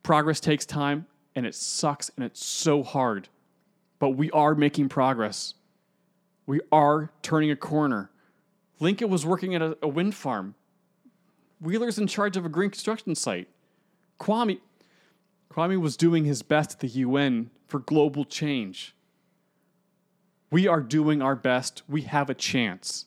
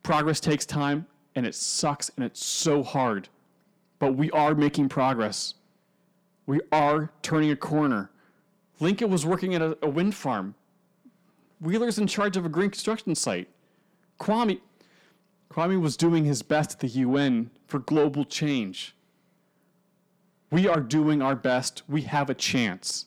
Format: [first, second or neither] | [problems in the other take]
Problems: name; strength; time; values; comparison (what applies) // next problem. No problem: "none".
first | distortion; slight; 10 dB below the speech